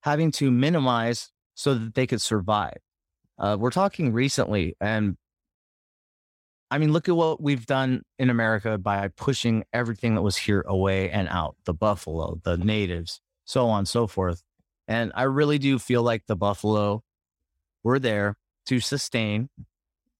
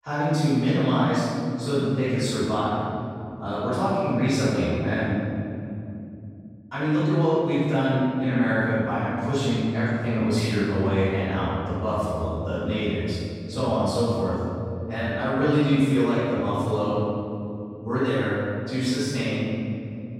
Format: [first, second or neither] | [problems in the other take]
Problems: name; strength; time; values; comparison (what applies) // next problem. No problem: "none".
first | off-mic speech; far // room echo; strong; dies away in 3 s